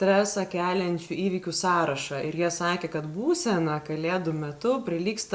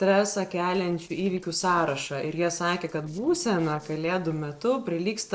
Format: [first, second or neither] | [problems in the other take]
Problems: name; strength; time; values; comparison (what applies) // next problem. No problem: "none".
first | noise reduction (neural separator model SepFormer DNS4)